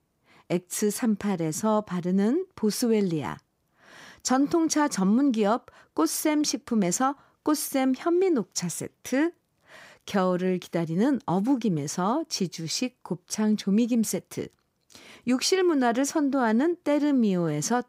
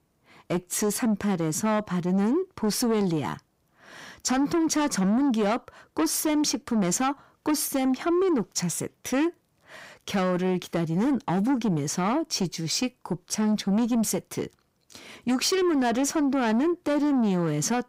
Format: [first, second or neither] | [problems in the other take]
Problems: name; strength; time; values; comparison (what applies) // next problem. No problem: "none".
first | distortion; slight; 10 dB below the speech